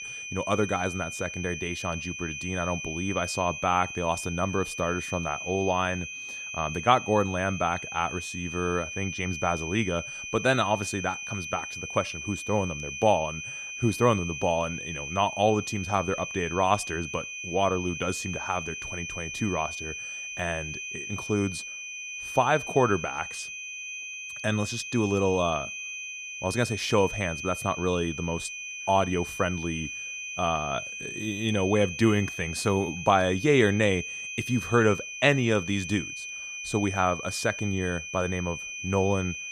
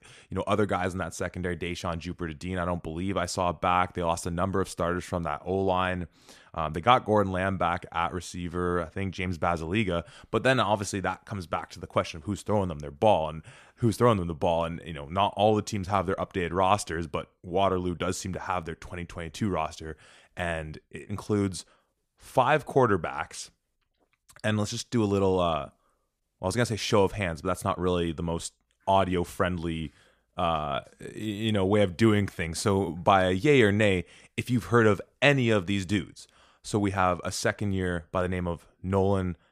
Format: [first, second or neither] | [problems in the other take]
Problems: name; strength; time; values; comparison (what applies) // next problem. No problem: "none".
second | high-pitched whine; loud; throughout; 2.5 kHz, 7 dB below the speech